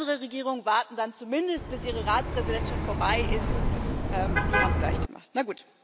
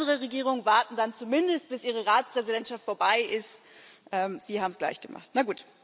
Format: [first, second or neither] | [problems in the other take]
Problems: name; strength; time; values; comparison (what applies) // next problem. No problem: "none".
second | background sound (Car passing by); 3 dB above the speech